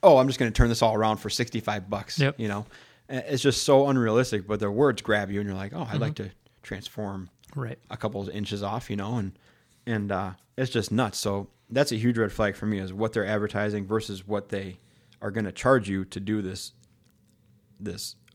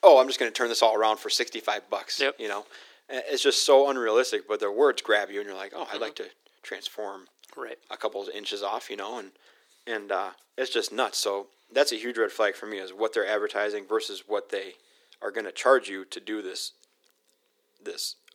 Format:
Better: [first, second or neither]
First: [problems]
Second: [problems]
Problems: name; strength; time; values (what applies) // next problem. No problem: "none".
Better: first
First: none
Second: thin; very; fading below 350 Hz